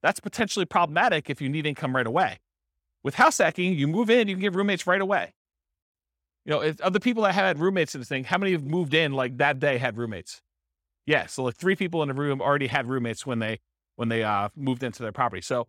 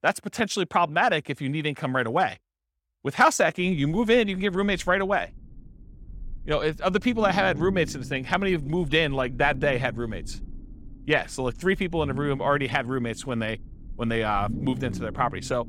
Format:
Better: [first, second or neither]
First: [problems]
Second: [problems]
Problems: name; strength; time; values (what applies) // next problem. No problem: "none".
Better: first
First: none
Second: low rumble; faint; from 3.5 s on; 20 dB below the speech